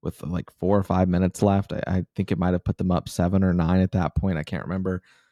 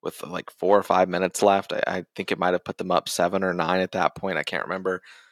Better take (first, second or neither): first